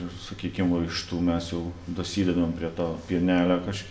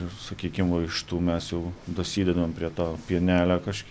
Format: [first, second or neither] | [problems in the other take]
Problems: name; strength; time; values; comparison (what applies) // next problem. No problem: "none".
second | room echo; dies away in 0.6 s